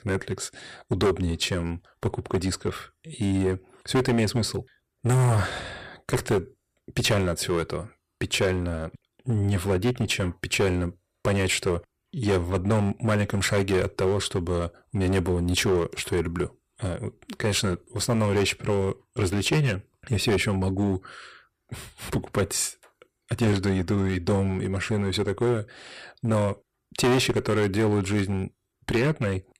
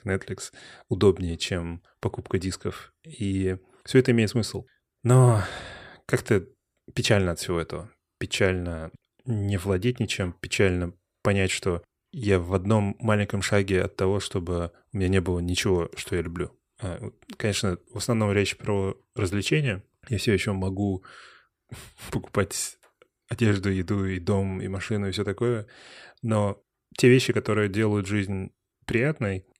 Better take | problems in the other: second | distortion; heavy; 8% of the sound clipped

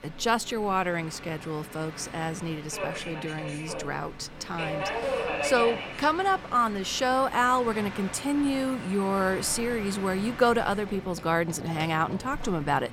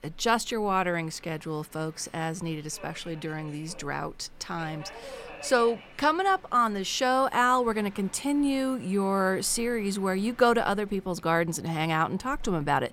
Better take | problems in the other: second | train or aircraft noise; loud; throughout; 9 dB below the speech; faint in the second

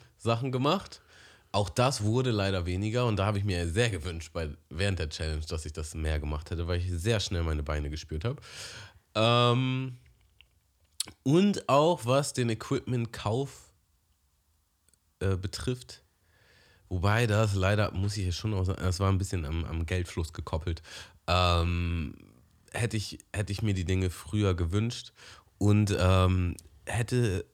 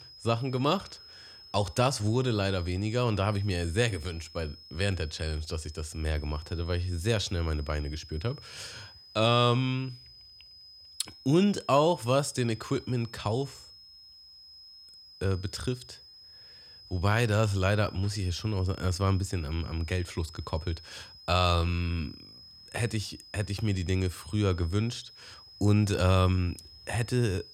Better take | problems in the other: first | high-pitched whine; noticeable; throughout; 5 kHz, 20 dB below the speech

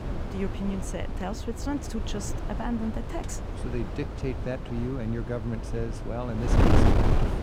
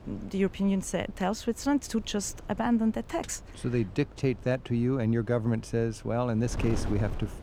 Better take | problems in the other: second | wind noise on the microphone; heavy; 1 dB above the speech; occasional gusts in the second

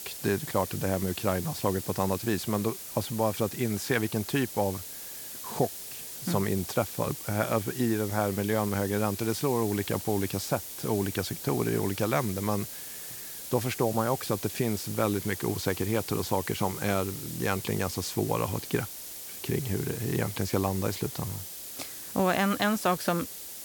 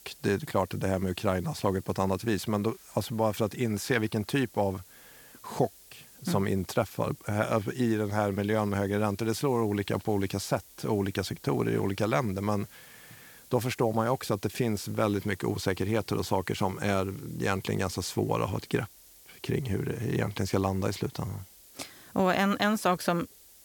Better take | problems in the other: second | hiss; loud; throughout; 8 dB below the speech; faint in the second

